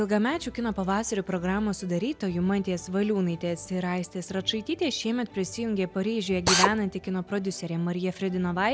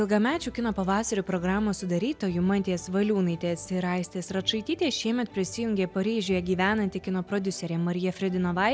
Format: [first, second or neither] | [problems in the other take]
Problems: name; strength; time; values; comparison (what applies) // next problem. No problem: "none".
second | background sound (Drill); 1 dB above the speech